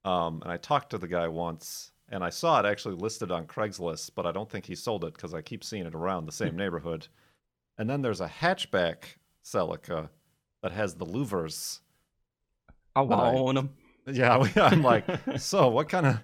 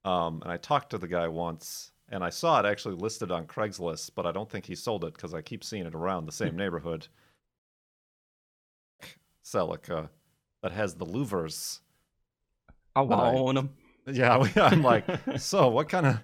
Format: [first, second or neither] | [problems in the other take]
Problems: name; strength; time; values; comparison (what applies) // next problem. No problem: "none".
first | audio cutting out; at 7.5 s for 1.5 s